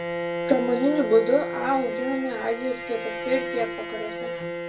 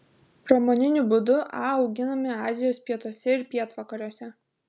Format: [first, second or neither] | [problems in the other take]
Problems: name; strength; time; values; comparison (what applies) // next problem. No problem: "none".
second | background sound (Bowed string instrument); 5 dB below the speech // room echo; dies away in 0.2 s